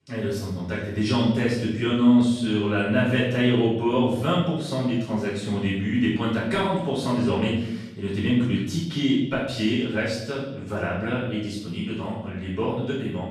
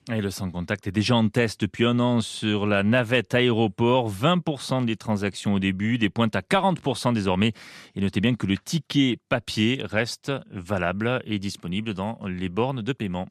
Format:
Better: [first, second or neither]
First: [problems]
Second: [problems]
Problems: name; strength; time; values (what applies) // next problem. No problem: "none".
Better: second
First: off-mic speech; far // room echo; noticeable; dies away in 0.8 s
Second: none